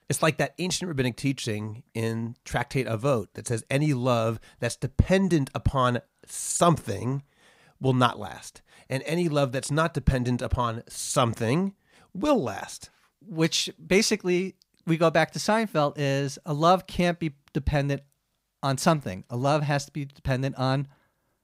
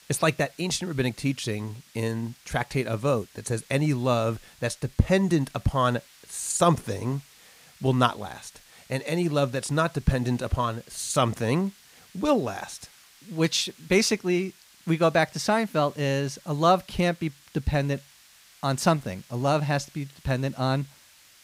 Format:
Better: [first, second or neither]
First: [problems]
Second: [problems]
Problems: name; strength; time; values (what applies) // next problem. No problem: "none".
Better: first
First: none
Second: hiss; faint; throughout; 25 dB below the speech